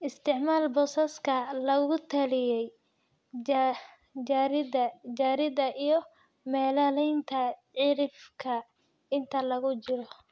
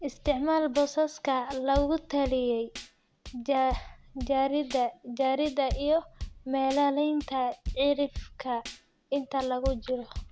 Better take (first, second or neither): first